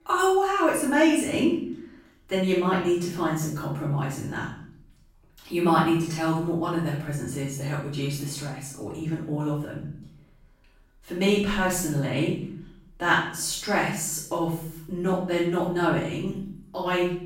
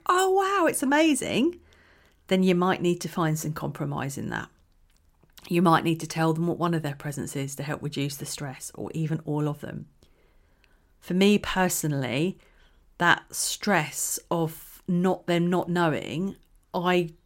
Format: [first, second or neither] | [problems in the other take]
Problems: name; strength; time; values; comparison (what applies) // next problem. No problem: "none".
second | off-mic speech; far // room echo; noticeable; dies away in 0.6 s